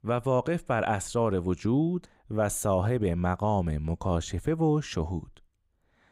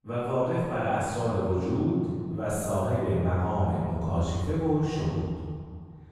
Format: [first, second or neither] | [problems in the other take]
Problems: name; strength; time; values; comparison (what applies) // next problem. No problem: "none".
first | room echo; strong; dies away in 1.8 s // off-mic speech; far